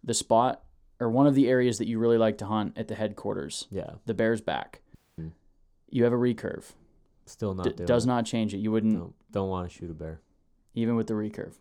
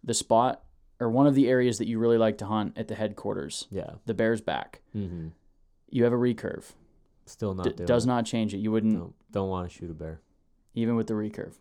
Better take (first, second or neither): second